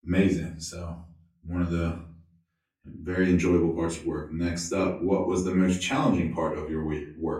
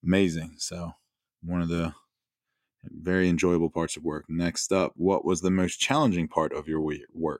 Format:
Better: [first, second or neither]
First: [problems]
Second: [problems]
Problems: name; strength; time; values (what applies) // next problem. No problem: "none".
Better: second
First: off-mic speech; far // room echo; slight; dies away in 0.4 s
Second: none